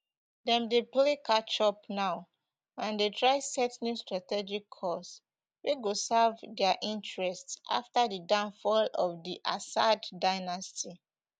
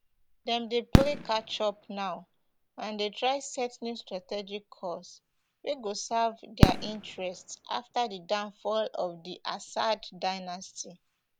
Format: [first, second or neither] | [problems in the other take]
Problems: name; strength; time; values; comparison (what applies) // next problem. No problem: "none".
first | background sound (Fireworks); as loud as the speech